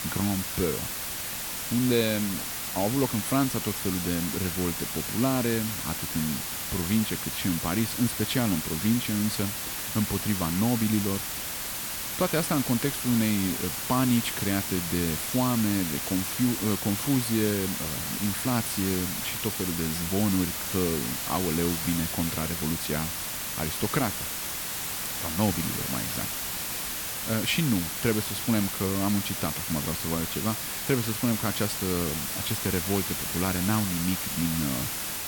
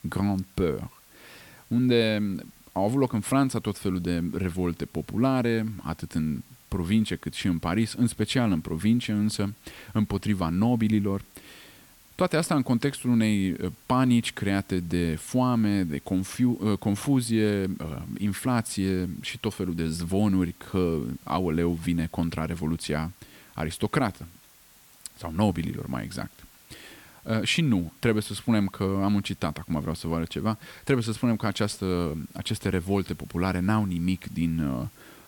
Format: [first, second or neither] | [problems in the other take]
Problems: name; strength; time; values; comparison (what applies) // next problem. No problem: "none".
second | hiss; loud; throughout; 1 dB below the speech; faint in the second